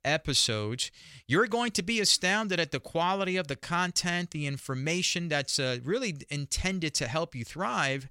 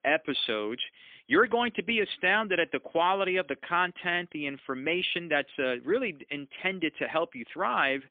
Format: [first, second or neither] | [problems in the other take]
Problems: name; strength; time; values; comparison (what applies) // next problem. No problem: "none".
first | phone-call audio; poor line